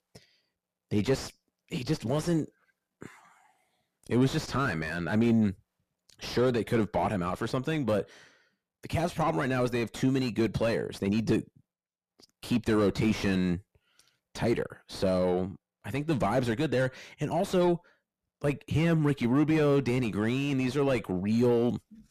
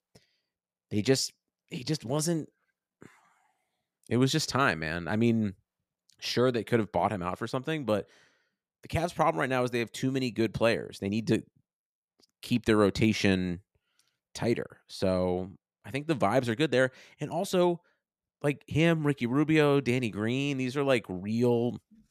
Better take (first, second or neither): second